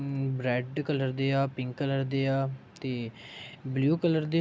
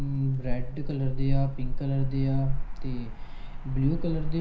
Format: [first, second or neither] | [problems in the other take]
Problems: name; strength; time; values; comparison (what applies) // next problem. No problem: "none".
first | background sound (Motor vehicle (road)); 2 dB above the speech // room echo; dies away in 0.5 s